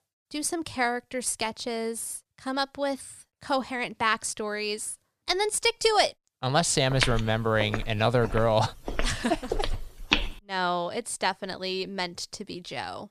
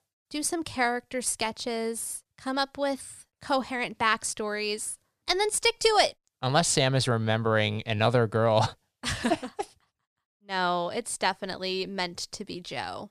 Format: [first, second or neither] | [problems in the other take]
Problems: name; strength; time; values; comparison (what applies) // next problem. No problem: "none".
second | footsteps; loud; from 7 to 10 s; peak 2 dB above the speech